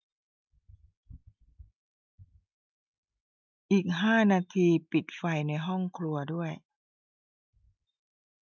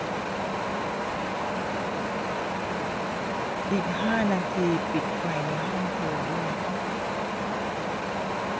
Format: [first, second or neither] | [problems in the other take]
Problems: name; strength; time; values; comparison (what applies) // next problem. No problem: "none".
first | background sound (Wind); 5 dB above the speech